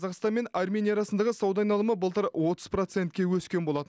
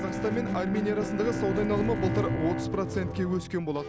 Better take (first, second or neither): first